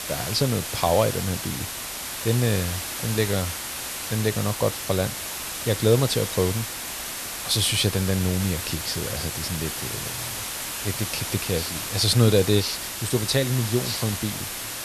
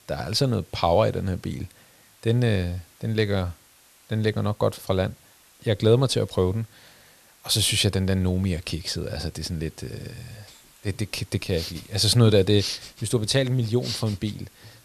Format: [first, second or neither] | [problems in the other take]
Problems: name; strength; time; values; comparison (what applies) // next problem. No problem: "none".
second | hiss; loud; throughout; 5 dB below the speech; faint in the second